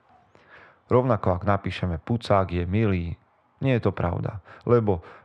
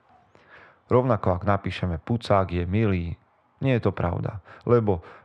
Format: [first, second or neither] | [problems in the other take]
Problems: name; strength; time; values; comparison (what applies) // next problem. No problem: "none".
neither | muffled; slightly; fading above 2.5 kHz; the same in both